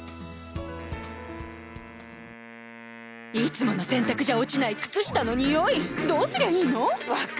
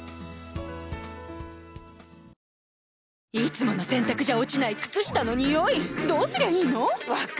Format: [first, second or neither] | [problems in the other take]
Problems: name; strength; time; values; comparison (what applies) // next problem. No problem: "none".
second | background sound (Wind instrument, woodwind instrument); 19 dB below the speech